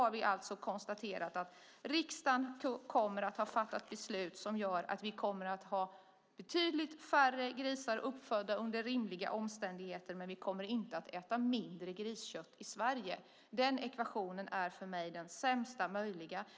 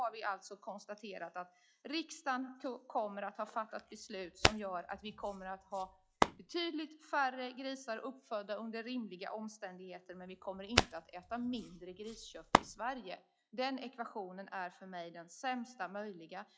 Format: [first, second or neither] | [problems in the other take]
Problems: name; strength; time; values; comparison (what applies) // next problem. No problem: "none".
first | noise reduction (classical method log-MMSE)